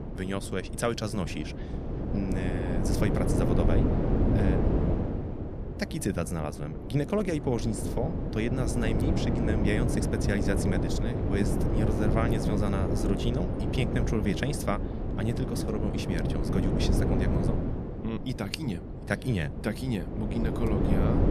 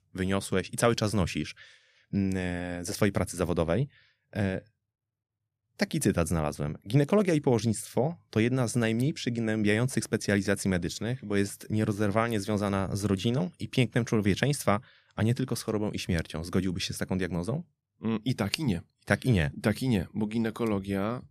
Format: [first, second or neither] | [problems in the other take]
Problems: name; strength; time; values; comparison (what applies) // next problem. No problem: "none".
second | wind noise on the microphone; heavy; 1 dB below the speech